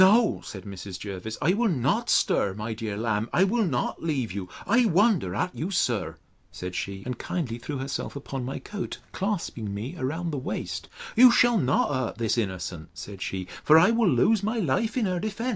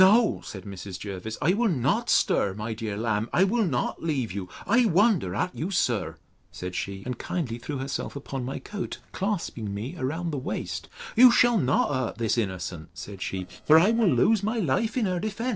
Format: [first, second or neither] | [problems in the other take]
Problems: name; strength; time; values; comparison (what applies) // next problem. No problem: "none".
first | noise reduction (neural separator model SepFormer DNS4)